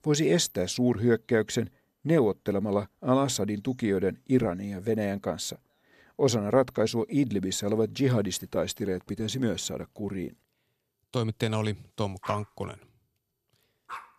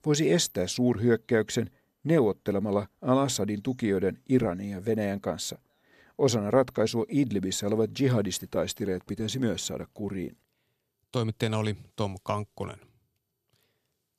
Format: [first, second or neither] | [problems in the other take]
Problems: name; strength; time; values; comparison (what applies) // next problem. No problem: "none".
second | dog barking; faint; from 12 s on; peak 15 dB below the speech